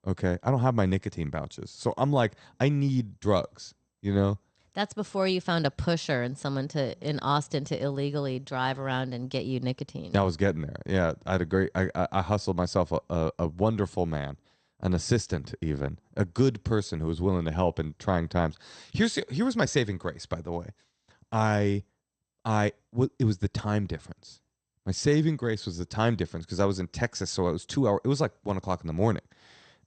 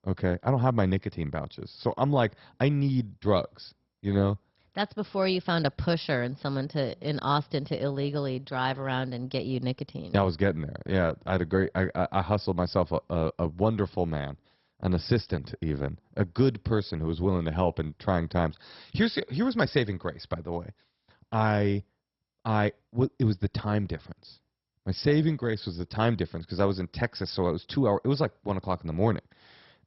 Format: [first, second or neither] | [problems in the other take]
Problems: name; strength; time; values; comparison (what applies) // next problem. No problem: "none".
first | garbled, watery; badly; nothing above 5.5 kHz; slightly in the first